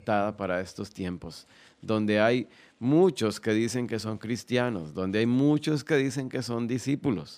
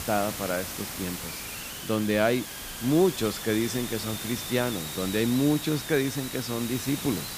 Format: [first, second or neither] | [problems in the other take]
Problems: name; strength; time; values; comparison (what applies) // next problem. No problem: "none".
first | hiss; loud; throughout; 6 dB below the speech